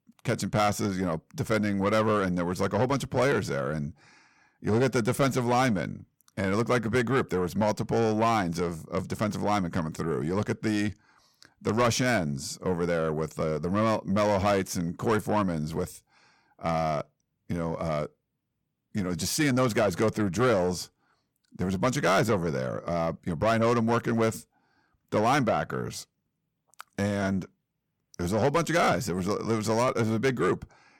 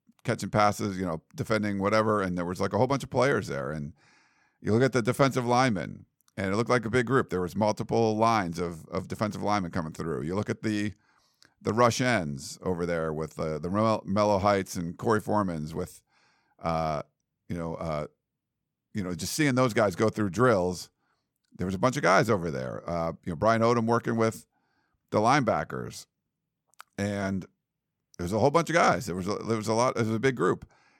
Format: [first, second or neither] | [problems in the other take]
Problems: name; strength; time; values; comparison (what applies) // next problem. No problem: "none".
second | distortion; slight; 10 dB below the speech